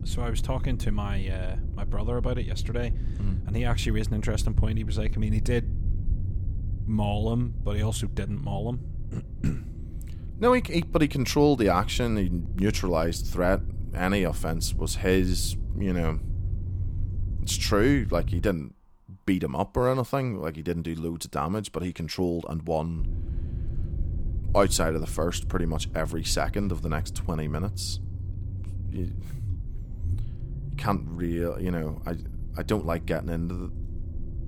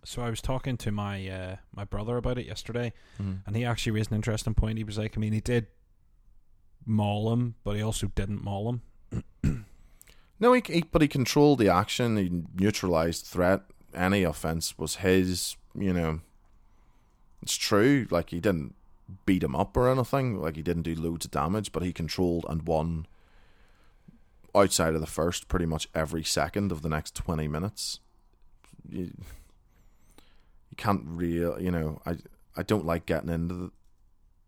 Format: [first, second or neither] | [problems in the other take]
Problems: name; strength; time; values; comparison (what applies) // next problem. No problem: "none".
second | low rumble; noticeable; until 18 s and from 23 s on; 20 dB below the speech